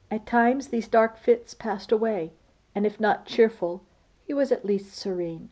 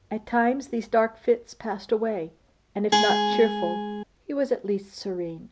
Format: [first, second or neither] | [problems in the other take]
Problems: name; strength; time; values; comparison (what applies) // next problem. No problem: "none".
first | background sound (Guitar); 2 dB above the speech